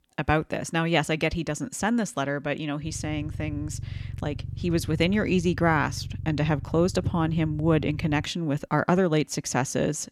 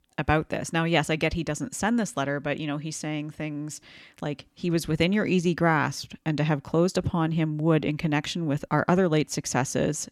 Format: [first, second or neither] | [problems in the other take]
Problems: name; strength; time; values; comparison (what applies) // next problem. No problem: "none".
second | low rumble; faint; from 3 to 8 s; 25 dB below the speech